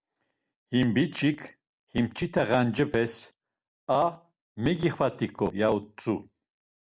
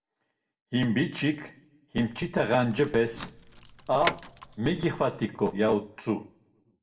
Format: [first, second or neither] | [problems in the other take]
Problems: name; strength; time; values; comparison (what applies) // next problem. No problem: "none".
first | background sound (Door / Car); 11 dB below the speech // room echo; dies away in 0.4 s